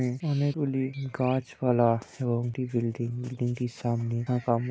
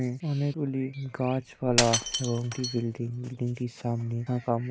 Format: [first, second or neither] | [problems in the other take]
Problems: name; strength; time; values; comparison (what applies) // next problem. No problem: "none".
first | background sound (Shatter); 4 dB below the speech